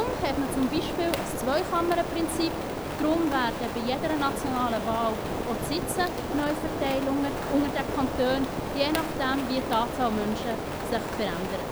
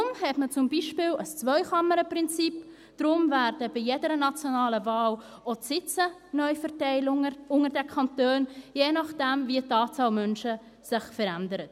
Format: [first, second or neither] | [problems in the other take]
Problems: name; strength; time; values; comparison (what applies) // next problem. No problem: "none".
second | background sound (Rain); 3 dB below the speech